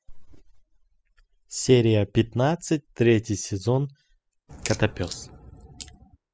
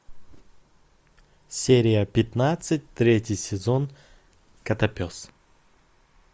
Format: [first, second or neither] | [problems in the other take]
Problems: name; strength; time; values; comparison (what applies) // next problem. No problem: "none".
second | noise reduction (classical method spectral subtraction)